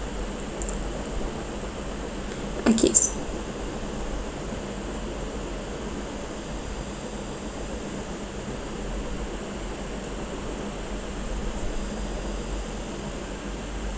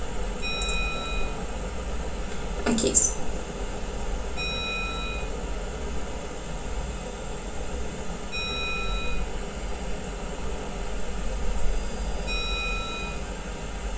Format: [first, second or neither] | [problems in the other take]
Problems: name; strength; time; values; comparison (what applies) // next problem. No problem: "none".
first | background sound (Bell); 11 dB below the speech // room echo; dies away in 0.3 s